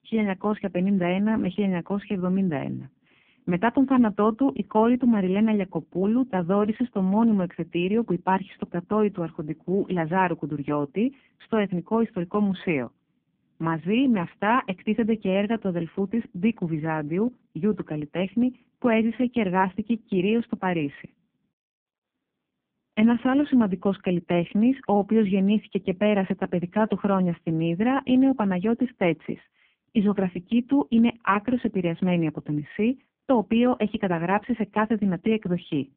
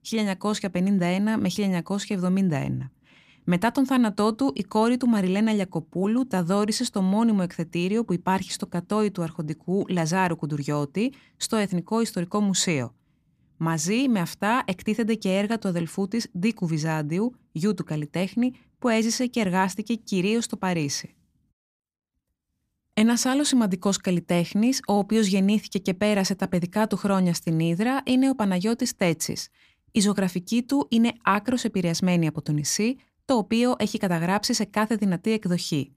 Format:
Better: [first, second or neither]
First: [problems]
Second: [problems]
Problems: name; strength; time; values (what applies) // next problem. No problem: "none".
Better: second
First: phone-call audio; poor line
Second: none